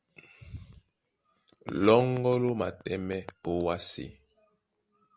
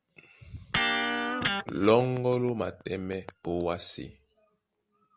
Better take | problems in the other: first | background sound (Electric guitar); 2 dB below the speech

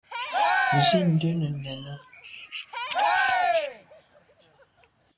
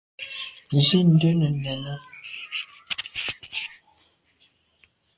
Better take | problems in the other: second | background sound (Cheering); 3 dB above the speech

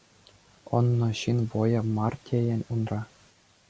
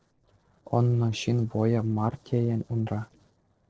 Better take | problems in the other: first | noise reduction (neural separator model SepFormer DNS4)

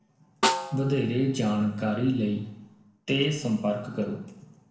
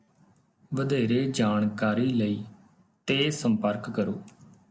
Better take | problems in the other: second | background sound (Snare drum); 5 dB below the speech // room echo; dies away in 0.7 s

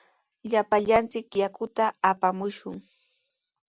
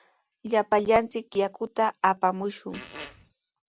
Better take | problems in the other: first | background sound (Fart); 15 dB below the speech

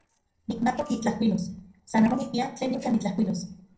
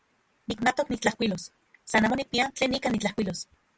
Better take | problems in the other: second | noise reduction (neural separator model SepFormer DNS4)

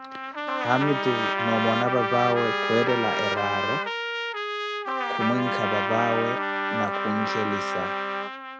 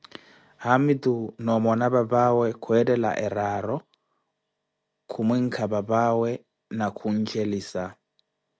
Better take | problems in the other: second | background sound (Trumpet + Trumpet); 1 dB above the speech

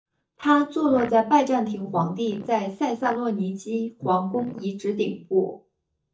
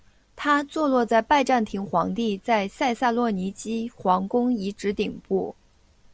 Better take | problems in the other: second | noise reduction (neural mask model DeepFilterNet 3)

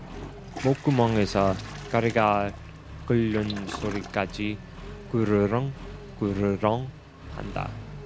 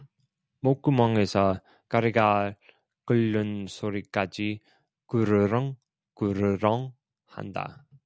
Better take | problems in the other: second | background sound (Accelerating, revving, vroom + Toilet flush); 12 dB below the speech

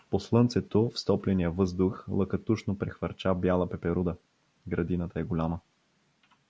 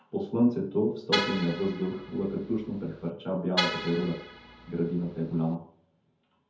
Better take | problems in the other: first | background sound (Vehicle horn, car horn, honking); 6 dB below the speech // room echo; dies away in 0.5 s

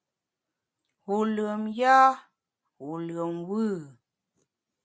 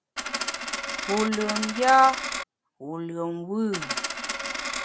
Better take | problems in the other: first | background sound (Coin (dropping)); 4 dB below the speech

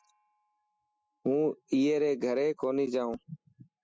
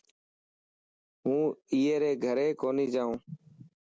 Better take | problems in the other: second | noise reduction (classical method spectral subtraction)

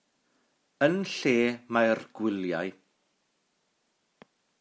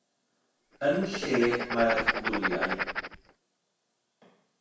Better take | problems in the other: first | background sound (Writing); 1 dB below the speech // room echo; dies away in 0.6 s

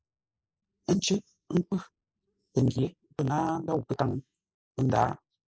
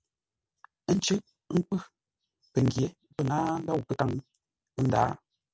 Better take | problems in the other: second | noise reduction (neural mask model Resemble Enhance denoiser)

